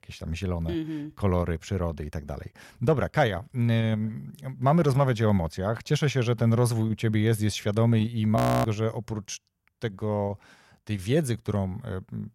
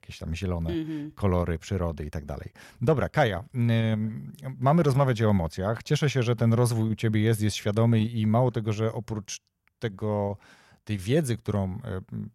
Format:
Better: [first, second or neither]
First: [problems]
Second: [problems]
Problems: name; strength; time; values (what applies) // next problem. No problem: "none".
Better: second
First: audio freezing; at 8.5 s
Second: none